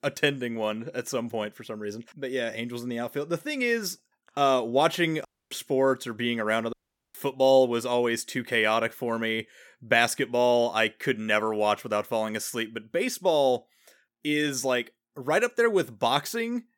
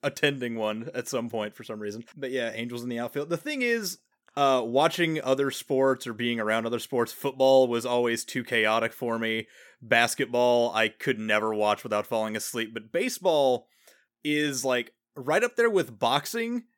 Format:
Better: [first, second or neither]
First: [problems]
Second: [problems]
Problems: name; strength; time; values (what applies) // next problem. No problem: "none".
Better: second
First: audio cutting out; at 5.5 s and at 6.5 s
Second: none